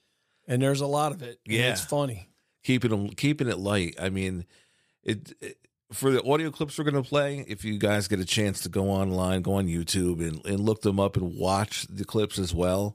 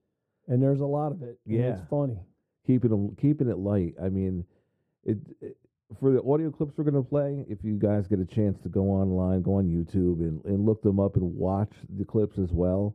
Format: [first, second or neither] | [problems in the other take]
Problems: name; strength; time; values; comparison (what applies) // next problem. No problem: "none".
first | muffled; very; fading above 1.5 kHz